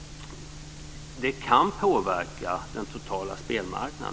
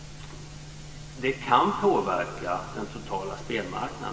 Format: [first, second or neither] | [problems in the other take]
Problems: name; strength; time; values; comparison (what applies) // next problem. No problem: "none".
first | room echo; dies away in 2 s